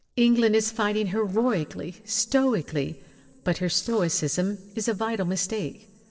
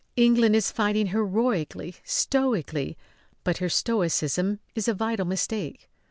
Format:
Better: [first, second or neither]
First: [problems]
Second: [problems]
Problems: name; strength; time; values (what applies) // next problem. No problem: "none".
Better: second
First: noise reduction (neural separator model SepFormer DNS4)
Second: none